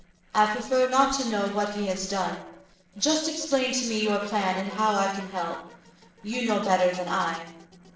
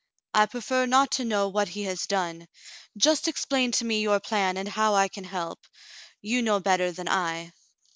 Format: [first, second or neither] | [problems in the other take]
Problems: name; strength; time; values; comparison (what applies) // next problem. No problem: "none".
second | noise reduction (neural separator model SepFormer DNS4)